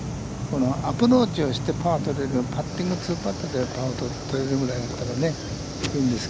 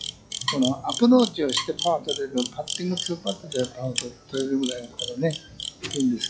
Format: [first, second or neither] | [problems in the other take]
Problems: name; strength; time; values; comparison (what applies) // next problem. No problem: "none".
first | noise reduction (classical method log-MMSE)